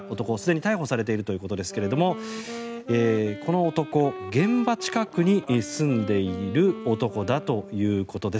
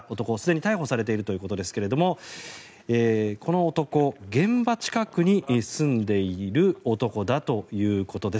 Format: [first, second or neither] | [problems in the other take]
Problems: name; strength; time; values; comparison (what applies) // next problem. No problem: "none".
second | background sound (Wind instrument, woodwind instrument); 13 dB below the speech